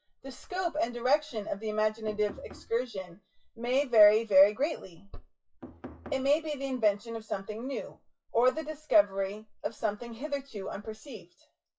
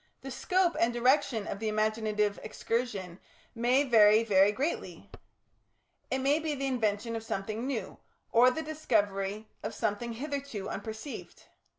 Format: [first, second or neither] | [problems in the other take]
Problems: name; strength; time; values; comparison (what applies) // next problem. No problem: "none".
second | noise reduction (classical method WPE with log-MMSE)